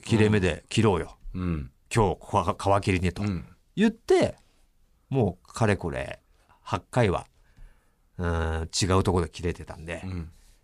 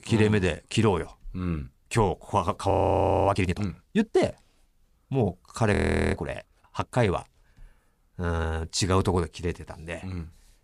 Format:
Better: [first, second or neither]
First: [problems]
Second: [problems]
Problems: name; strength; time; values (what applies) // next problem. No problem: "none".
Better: first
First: none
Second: audio freezing; at 2.5 s for 0.5 s and at 5.5 s